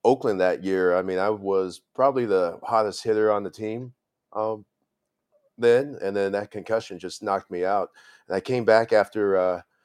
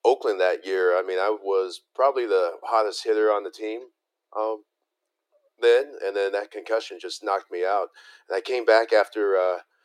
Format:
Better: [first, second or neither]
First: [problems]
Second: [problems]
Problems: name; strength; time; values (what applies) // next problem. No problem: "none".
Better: first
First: none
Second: thin; very; fading below 350 Hz